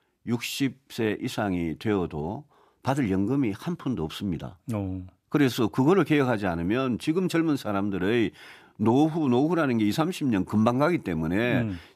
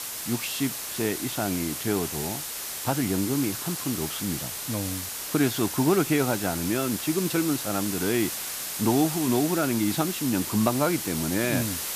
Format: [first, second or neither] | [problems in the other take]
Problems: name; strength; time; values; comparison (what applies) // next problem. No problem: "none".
first | hiss; loud; throughout; 4 dB below the speech